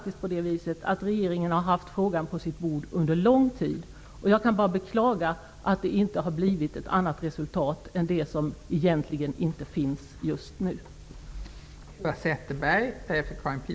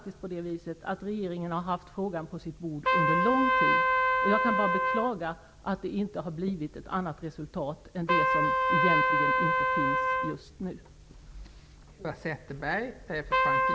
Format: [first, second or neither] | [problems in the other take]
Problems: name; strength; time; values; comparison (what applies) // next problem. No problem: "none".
first | background sound (Trumpet); 4 dB above the speech